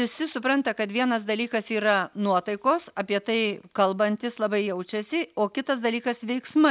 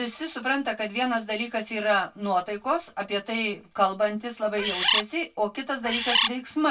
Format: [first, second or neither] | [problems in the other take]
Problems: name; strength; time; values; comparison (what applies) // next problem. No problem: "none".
first | background sound (Bird); 3 dB above the speech // room echo; dies away in 0.1 s